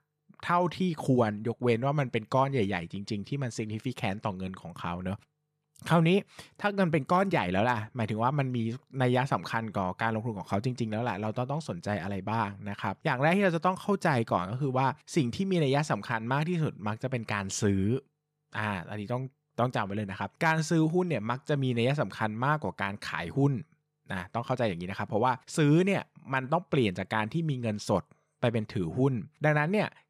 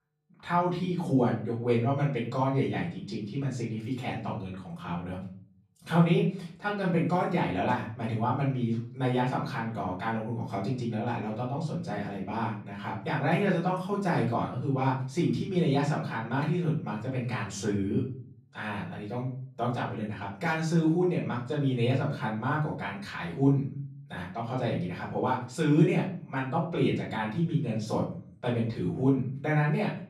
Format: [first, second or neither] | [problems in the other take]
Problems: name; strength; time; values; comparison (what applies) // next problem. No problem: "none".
first | off-mic speech; far // room echo; slight; dies away in 0.5 s